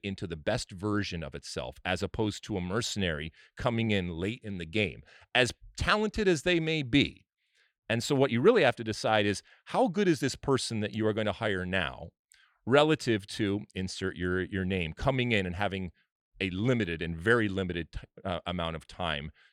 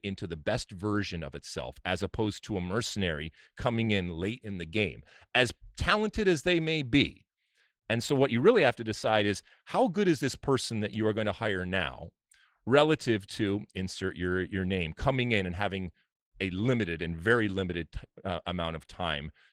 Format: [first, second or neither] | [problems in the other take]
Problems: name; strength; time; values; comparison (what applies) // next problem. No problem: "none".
first | garbled, watery; slightly; nothing above 17.5 kHz